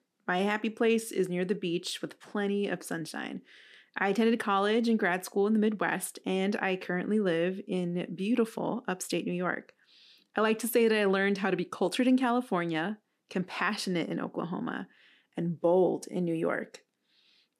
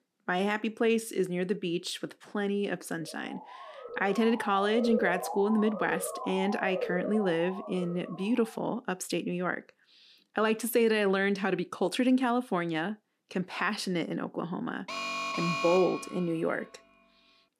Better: first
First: none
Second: siren; noticeable; from 3.5 to 8 s; peak 2 dB below the speech // alarm; noticeable; from 15 to 16 s; peak 1 dB below the speech

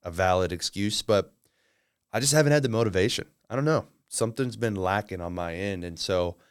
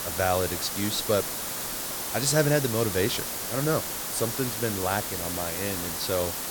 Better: first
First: none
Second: hiss; loud; throughout; 2 dB below the speech

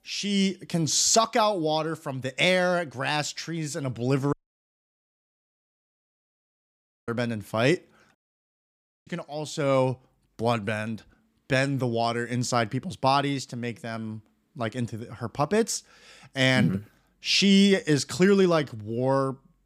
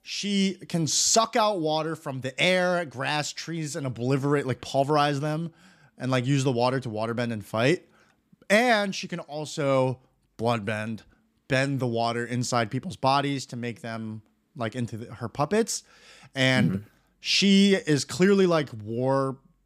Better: second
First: audio cutting out; at 4.5 s for 3 s and at 8 s for 1 s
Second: none

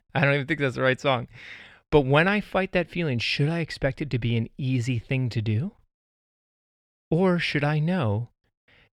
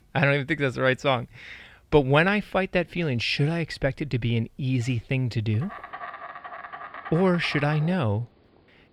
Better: first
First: none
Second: animal sounds; noticeable; throughout; 15 dB below the speech

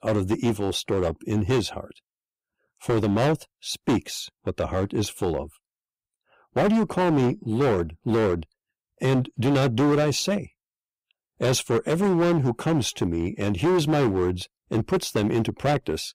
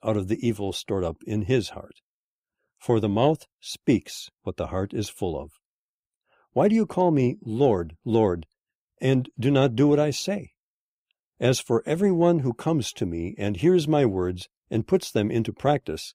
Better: second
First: distortion; heavy; 13% of the sound clipped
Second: none

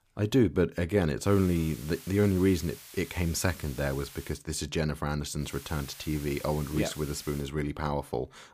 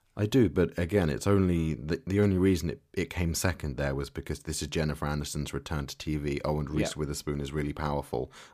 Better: second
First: hiss; noticeable; from 1.5 to 4.5 s and from 5.5 to 7.5 s; 15 dB below the speech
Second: none

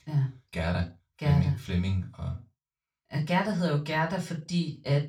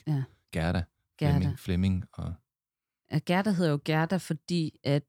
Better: second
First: room echo; very slight; dies away in 0.2 s // off-mic speech; far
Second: none

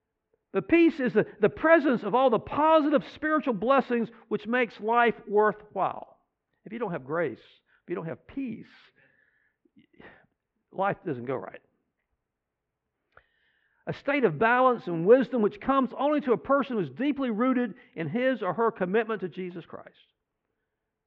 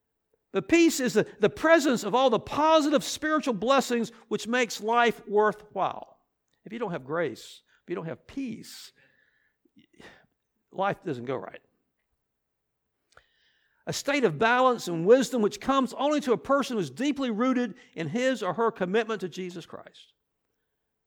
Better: second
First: muffled; very; fading above 2.5 kHz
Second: none

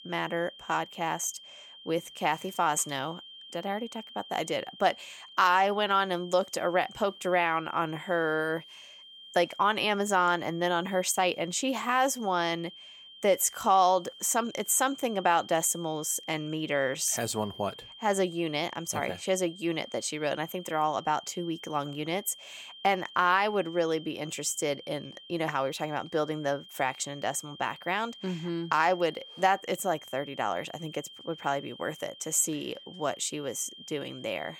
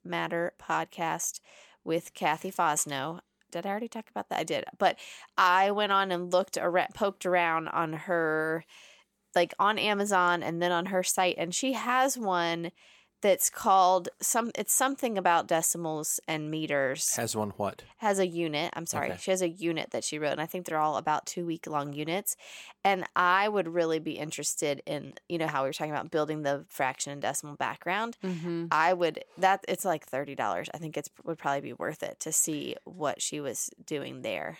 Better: second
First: high-pitched whine; noticeable; throughout; 3 kHz, 15 dB below the speech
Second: none

